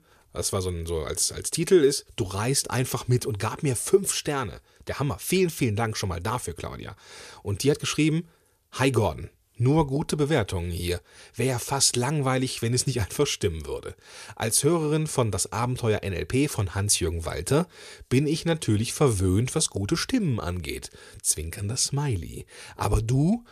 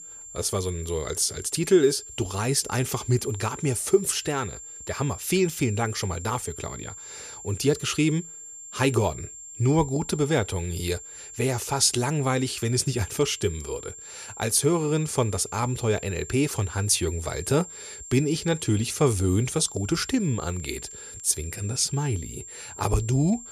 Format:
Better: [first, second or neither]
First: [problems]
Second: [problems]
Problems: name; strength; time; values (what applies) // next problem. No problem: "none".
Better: first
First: none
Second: high-pitched whine; noticeable; throughout; 7.5 kHz, 15 dB below the speech